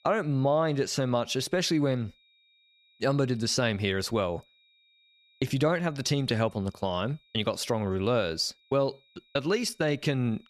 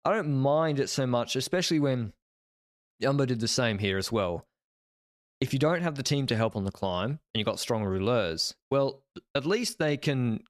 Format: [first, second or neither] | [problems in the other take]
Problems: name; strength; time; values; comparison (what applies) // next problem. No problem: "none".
second | high-pitched whine; faint; throughout; 4 kHz, 35 dB below the speech